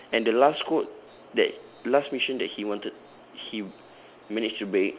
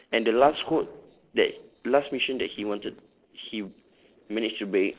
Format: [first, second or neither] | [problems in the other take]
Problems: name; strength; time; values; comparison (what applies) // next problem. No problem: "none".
first | noise reduction (neural separator model SepFormer DNS4)